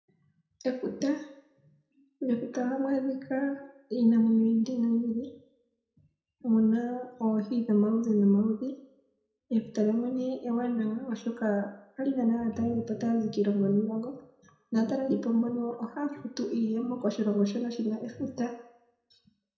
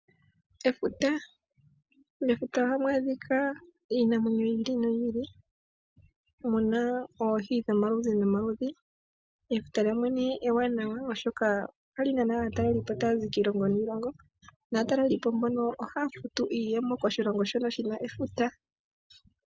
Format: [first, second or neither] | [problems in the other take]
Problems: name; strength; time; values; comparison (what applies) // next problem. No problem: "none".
second | room echo; dies away in 0.6 s